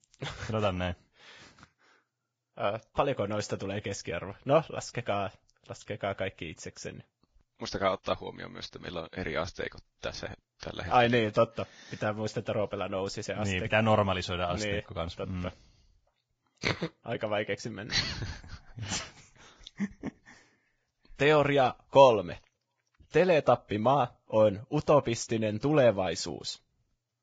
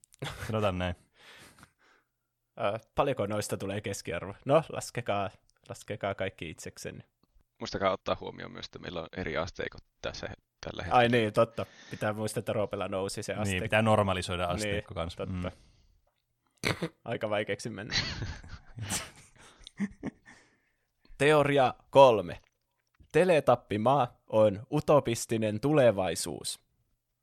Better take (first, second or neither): second